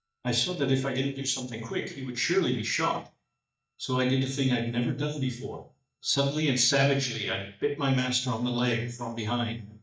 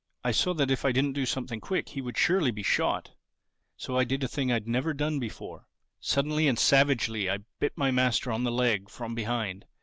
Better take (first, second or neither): second